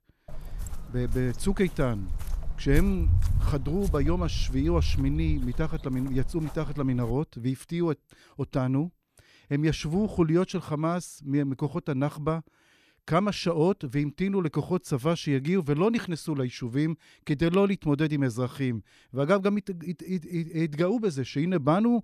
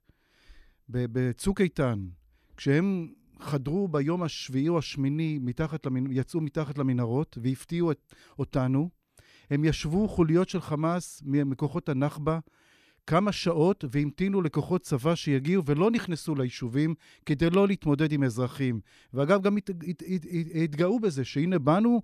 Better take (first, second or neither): second